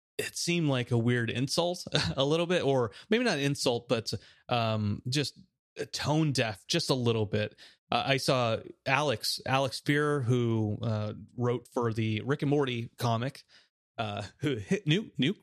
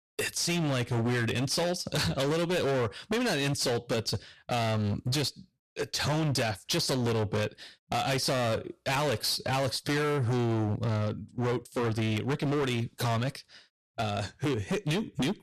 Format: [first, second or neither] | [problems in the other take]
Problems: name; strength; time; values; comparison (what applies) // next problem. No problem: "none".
first | distortion; heavy; 28% of the sound clipped